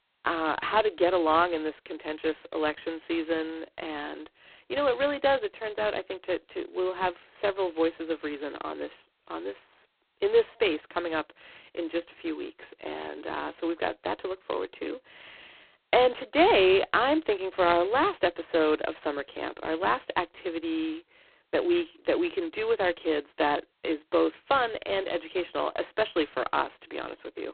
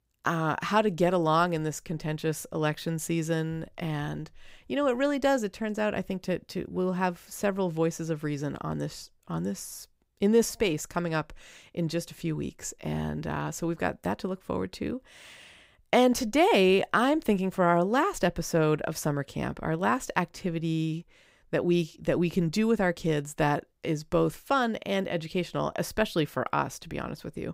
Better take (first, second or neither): second